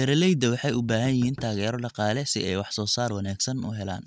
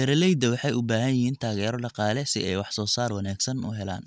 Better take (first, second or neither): second